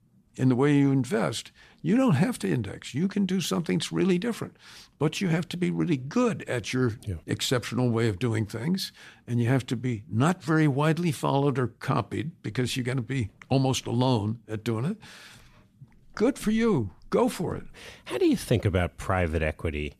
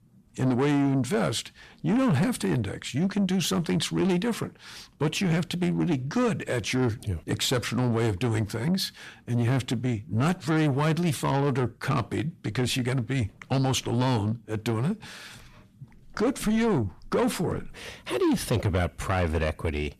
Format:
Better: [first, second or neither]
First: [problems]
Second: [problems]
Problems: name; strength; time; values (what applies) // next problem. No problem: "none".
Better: first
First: none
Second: distortion; slight; 10 dB below the speech